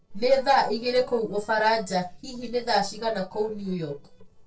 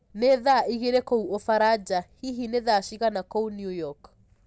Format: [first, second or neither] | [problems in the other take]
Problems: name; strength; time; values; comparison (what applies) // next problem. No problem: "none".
second | noise reduction (neural separator model SepFormer DNS4)